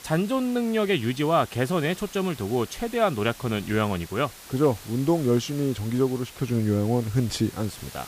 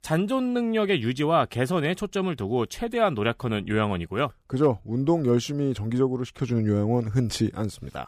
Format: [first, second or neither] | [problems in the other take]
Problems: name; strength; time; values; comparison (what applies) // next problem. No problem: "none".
second | hiss; noticeable; throughout; 15 dB below the speech